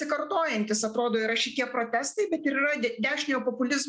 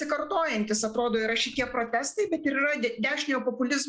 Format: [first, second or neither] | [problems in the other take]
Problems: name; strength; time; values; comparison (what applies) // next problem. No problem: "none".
first | noise reduction (neural mask model Resemble Enhance denoiser)